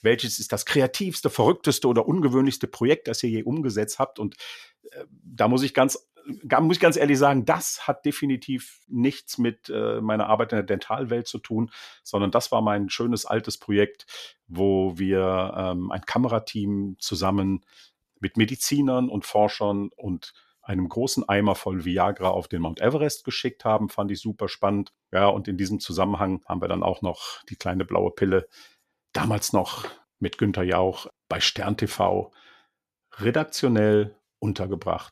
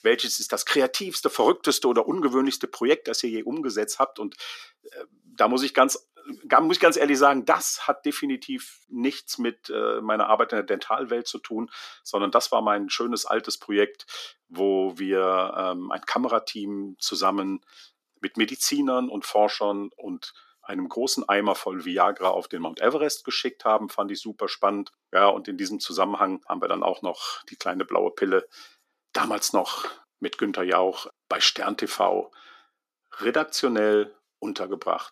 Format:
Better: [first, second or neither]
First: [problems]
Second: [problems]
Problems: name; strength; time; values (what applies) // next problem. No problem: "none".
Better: first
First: none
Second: thin; very slightly; fading below 250 Hz